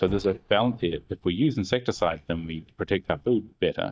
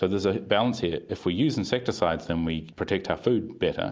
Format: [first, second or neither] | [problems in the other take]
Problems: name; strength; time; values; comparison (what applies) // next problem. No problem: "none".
second | noise reduction (neural mask model DeepFilterNet 3)